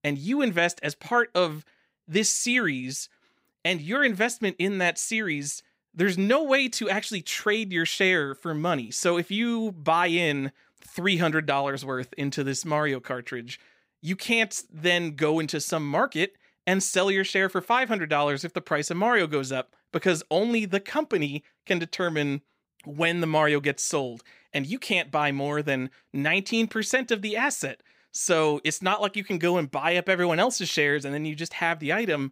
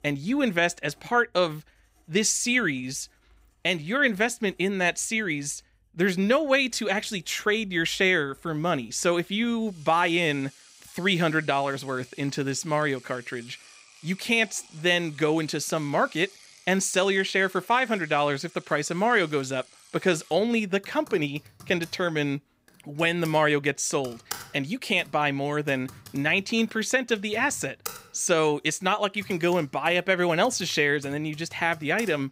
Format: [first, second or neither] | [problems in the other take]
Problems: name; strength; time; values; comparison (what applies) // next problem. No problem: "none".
first | household noises; faint; throughout; 20 dB below the speech